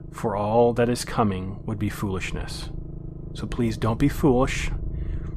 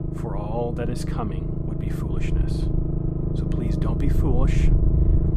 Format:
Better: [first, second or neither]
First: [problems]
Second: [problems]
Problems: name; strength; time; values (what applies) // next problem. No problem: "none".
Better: first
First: low rumble; faint; throughout; 20 dB below the speech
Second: low rumble; loud; throughout; as loud as the speech